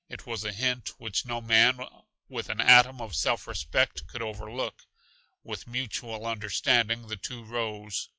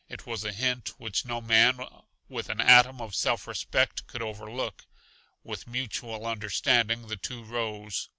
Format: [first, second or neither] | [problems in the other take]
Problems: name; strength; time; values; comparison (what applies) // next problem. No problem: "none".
second | noise reduction (classical method log-MMSE)